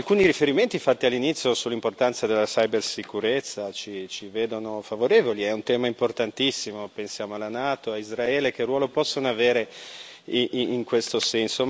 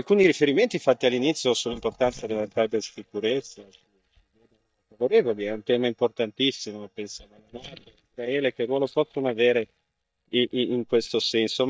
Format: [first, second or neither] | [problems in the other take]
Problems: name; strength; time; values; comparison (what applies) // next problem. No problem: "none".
first | noise reduction (neural mask model DeepFilterNet 3)